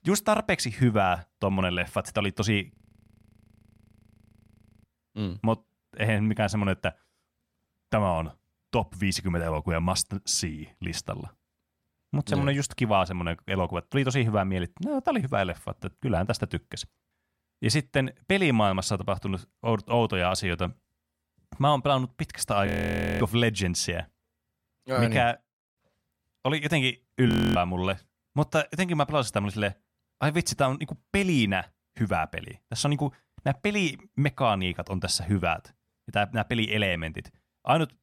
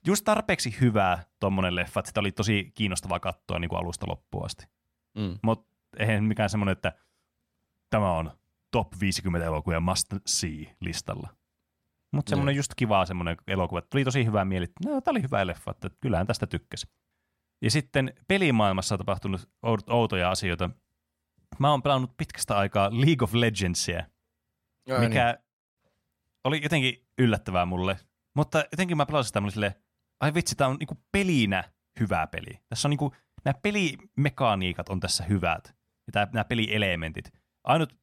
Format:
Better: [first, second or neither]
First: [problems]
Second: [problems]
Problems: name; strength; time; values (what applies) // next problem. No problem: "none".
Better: second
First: audio freezing; at 2.5 s for 2 s, at 23 s for 0.5 s and at 27 s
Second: none